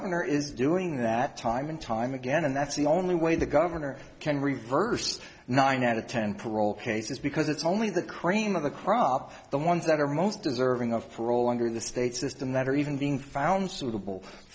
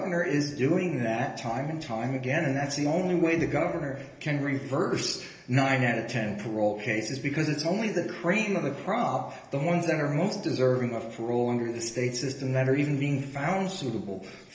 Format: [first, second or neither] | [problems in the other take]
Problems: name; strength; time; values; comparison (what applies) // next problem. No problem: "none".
first | room echo; dies away in 1.4 s